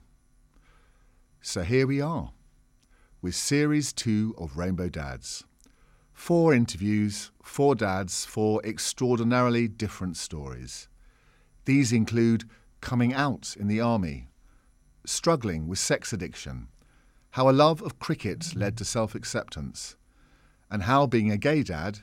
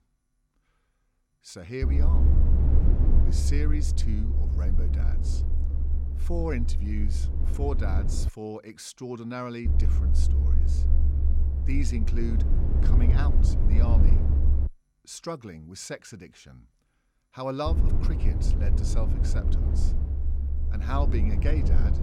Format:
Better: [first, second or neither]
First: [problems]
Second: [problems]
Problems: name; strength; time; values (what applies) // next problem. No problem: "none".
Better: first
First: none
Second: low rumble; loud; from 2 to 8.5 s, from 9.5 to 15 s and from 18 s on; 4 dB below the speech